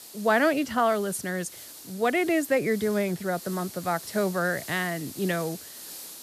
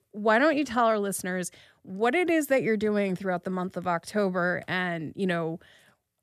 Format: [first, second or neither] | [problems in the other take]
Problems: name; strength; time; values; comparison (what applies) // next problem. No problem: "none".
second | hiss; noticeable; throughout; 15 dB below the speech